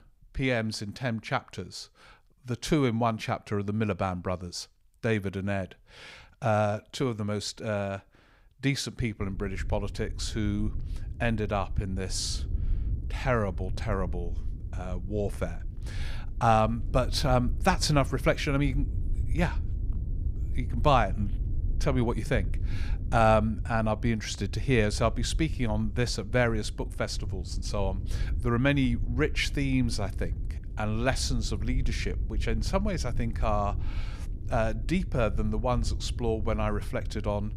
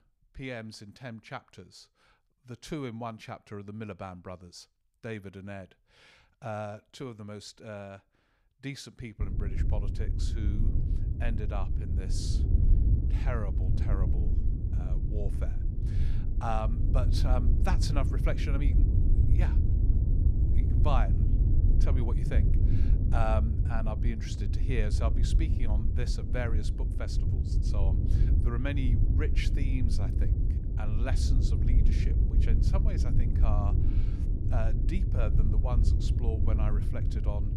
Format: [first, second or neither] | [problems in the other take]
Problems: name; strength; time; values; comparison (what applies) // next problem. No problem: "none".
first | low rumble; loud; from 9 s on; 4 dB below the speech; faint in the first